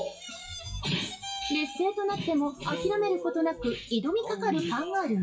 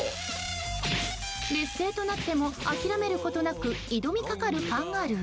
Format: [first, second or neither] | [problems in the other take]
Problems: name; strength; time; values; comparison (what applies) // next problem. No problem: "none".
second | noise reduction (classical method WPE with log-MMSE)